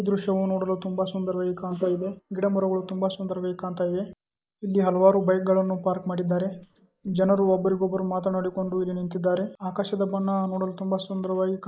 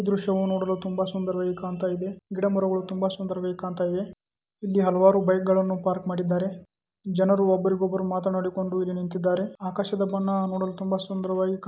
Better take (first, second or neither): second